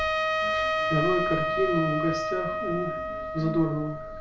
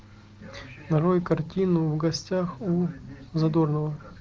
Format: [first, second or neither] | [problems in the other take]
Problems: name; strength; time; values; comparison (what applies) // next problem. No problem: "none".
second | background sound (Trumpet); 1 dB above the speech // room echo; dies away in 0.4 s